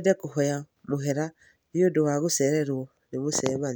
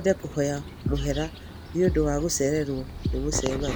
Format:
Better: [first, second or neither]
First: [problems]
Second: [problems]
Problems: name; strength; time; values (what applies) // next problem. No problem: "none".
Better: first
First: none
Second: background sound (Bird vocalization, bird call, bird song + Bass drum); 6 dB below the speech